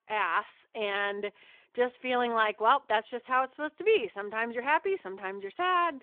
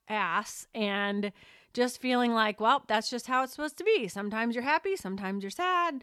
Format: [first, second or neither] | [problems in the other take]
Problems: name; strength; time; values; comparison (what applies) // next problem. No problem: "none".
second | phone-call audio; nothing above 3.5 kHz